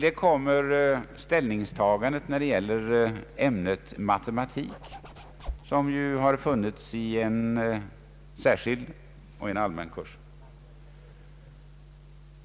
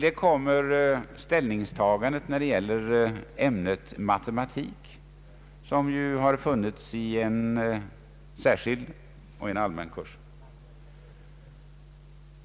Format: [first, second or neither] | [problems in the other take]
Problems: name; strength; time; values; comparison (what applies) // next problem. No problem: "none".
second | background sound (Zipper (clothing)); 12 dB below the speech